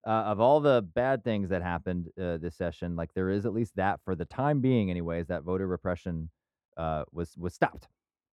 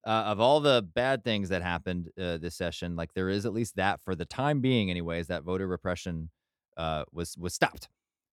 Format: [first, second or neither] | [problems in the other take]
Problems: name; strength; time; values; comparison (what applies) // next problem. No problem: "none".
second | muffled; very; fading above 2.5 kHz